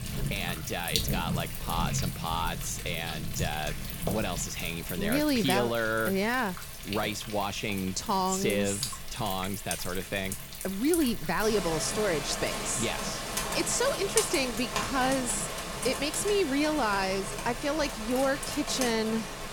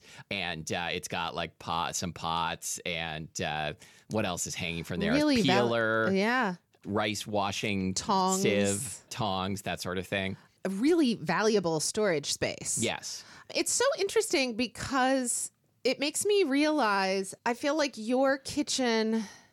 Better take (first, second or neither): second